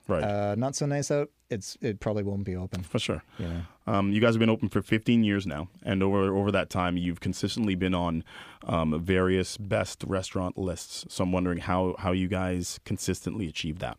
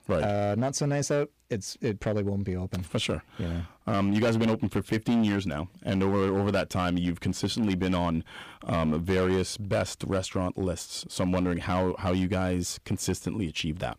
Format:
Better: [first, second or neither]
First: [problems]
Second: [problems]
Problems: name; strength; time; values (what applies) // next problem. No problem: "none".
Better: first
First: none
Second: distortion; slight; 8% of the sound clipped